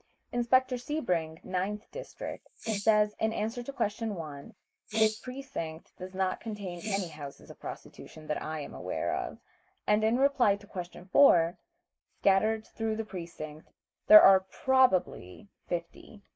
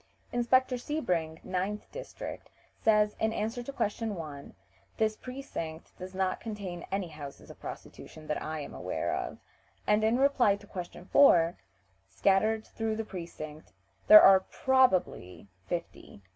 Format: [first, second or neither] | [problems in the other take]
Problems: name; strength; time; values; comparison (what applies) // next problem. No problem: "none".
second | noise reduction (neural mask model Resemble Enhance denoiser)